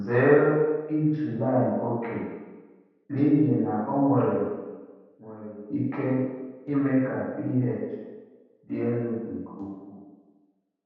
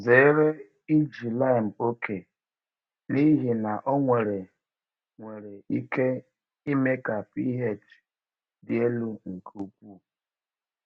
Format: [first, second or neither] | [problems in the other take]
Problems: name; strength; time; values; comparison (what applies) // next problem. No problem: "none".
second | room echo; dies away in 1.2 s